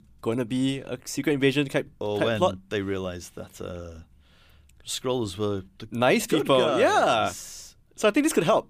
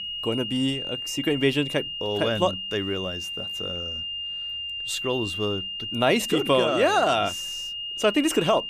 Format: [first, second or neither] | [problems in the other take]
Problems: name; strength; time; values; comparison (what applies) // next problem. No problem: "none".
first | high-pitched whine; loud; throughout; 3 kHz, 5 dB below the speech